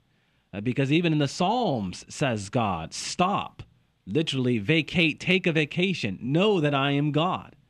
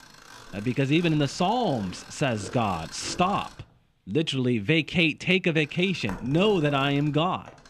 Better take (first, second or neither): first